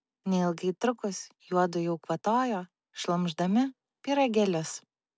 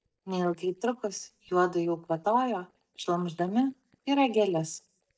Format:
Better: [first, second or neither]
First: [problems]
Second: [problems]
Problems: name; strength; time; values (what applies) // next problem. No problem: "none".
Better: first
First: none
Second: noise reduction (neural mask model DeepFilterNet 3)